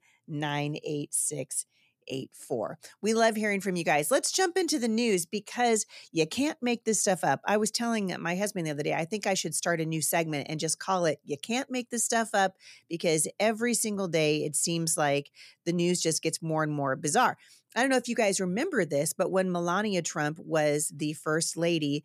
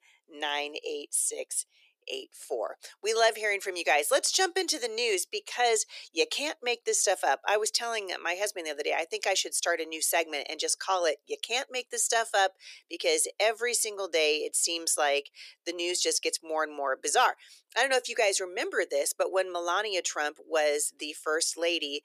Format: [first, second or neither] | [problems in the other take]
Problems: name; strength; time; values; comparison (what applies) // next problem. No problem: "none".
first | thin; very; fading below 400 Hz